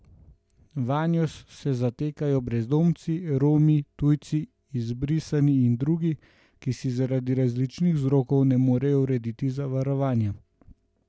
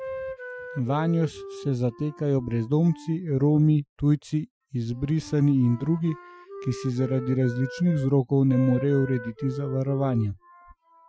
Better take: first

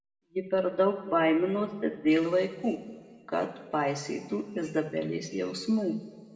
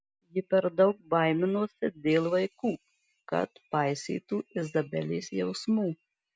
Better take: second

